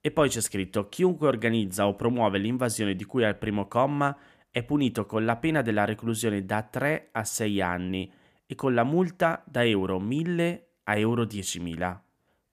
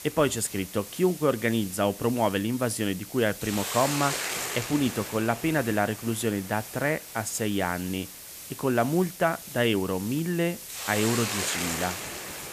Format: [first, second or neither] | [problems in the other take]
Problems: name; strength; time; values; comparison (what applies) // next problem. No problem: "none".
first | hiss; loud; throughout; 7 dB below the speech